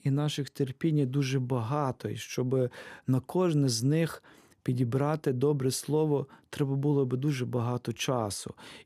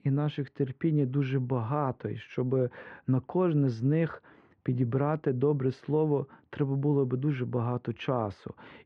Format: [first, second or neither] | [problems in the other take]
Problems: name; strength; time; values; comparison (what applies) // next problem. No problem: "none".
first | muffled; very; fading above 2.5 kHz